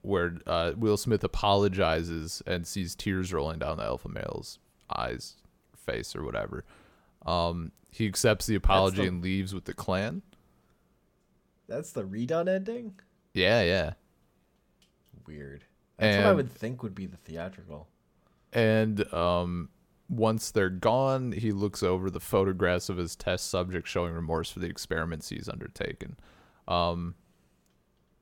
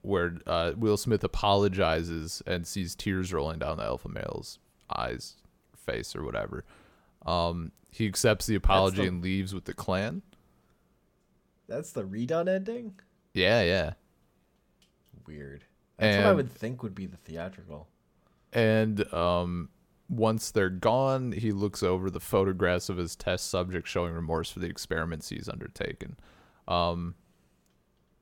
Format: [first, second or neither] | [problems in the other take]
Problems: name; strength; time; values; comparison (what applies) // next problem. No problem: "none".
neither | none